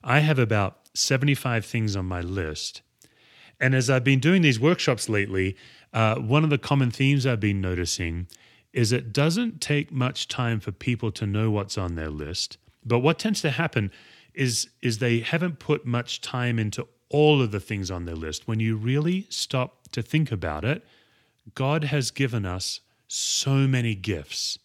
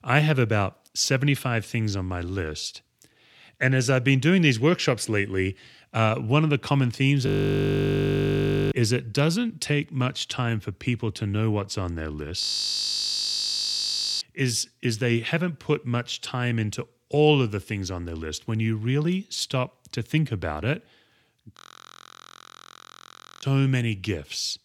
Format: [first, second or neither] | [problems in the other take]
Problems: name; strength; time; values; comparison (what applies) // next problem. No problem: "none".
first | audio freezing; at 7.5 s for 1.5 s, at 12 s for 2 s and at 22 s for 2 s